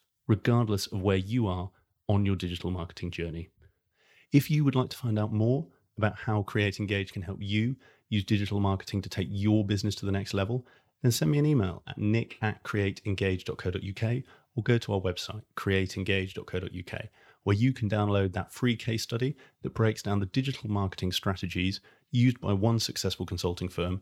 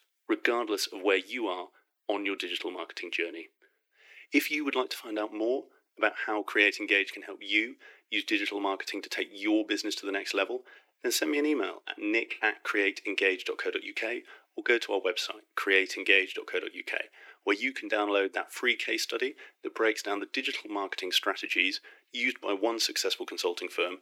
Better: first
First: none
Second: thin; very; fading below 300 Hz

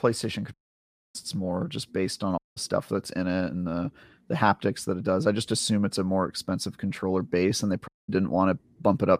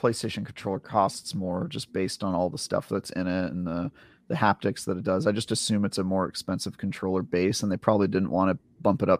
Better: second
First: audio cutting out; at 0.5 s for 0.5 s, at 2.5 s and at 8 s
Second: none

